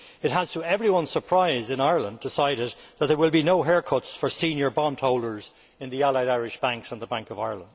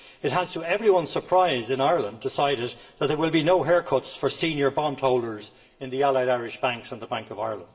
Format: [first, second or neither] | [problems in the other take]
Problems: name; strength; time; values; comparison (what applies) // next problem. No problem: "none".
first | room echo; dies away in 0.5 s